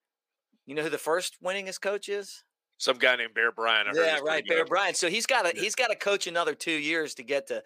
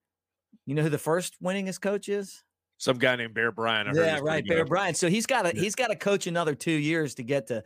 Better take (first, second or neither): second